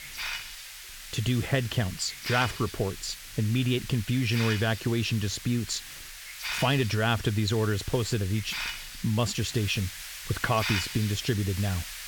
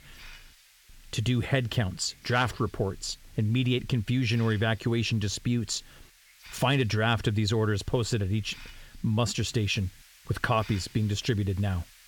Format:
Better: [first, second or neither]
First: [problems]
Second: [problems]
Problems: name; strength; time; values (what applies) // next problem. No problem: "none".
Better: second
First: hiss; loud; throughout; 8 dB below the speech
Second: hiss; faint; throughout; 25 dB below the speech